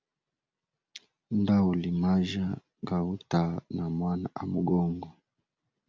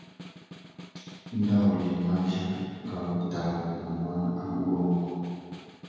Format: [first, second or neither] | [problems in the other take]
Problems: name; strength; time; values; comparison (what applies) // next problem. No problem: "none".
first | background sound (Snare drum); 19 dB below the speech // room echo; dies away in 1.9 s